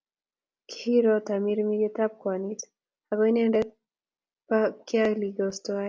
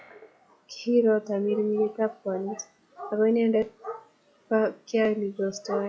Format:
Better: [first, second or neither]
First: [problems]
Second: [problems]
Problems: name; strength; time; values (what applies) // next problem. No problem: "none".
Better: first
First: none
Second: noise reduction (classical method log-MMSE)